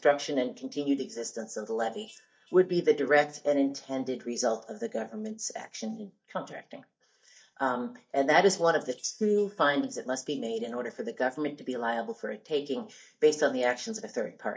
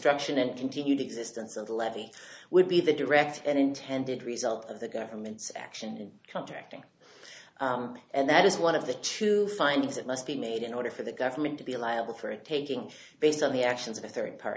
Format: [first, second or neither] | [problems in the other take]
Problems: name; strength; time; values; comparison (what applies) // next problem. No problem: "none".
second | noise reduction (neural mask model DeepFilterNet 3)